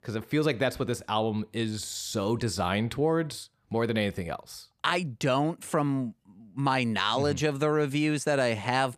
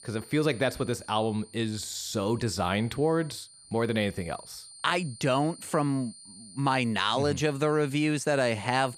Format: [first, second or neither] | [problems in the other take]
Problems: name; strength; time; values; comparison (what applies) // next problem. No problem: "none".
first | high-pitched whine; noticeable; throughout; 9 kHz, 20 dB below the speech